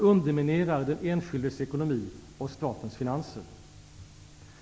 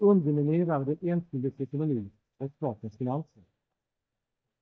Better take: first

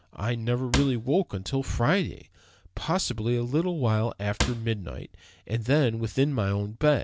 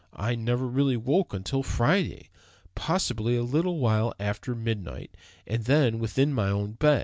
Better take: second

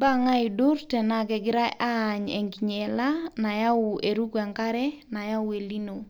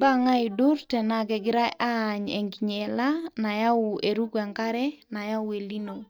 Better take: first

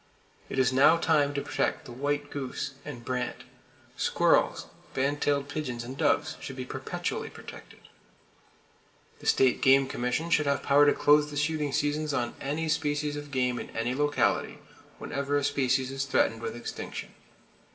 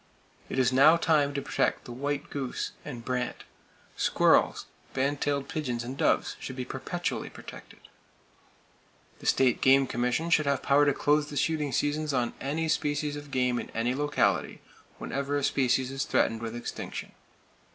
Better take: second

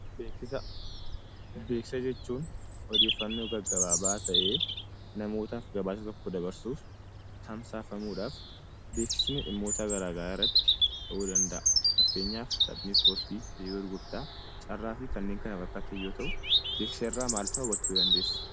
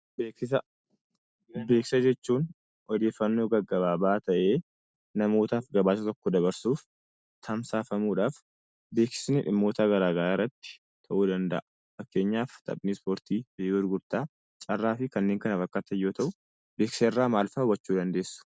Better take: second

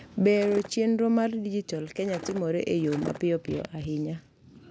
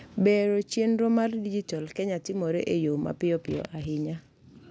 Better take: second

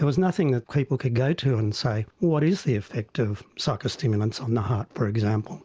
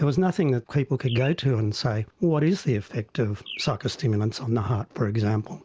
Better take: first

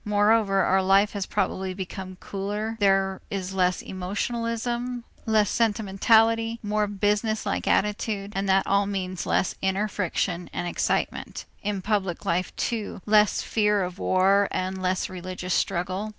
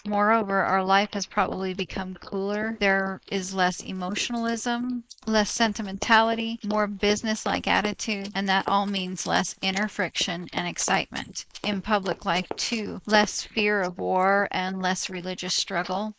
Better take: first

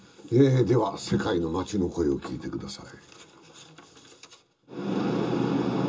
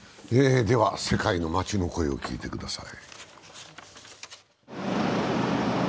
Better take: second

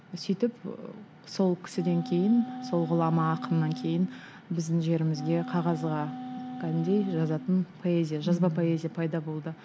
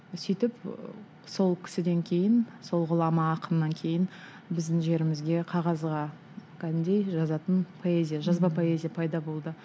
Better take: second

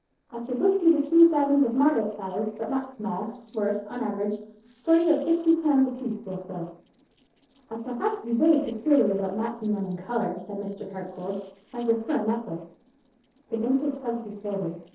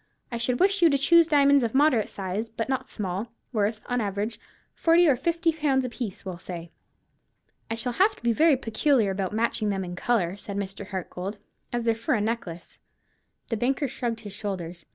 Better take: second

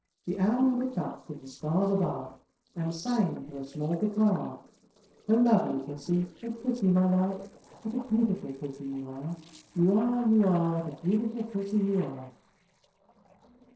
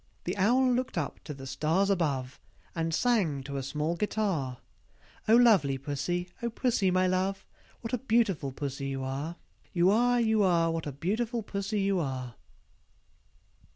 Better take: second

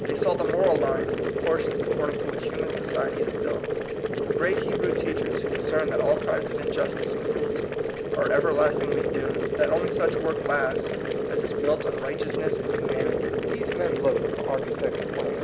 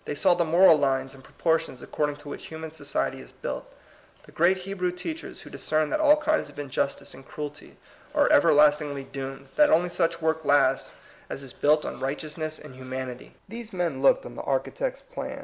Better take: second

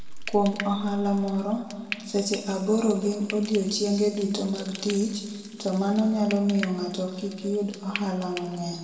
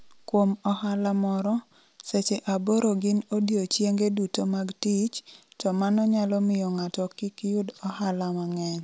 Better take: second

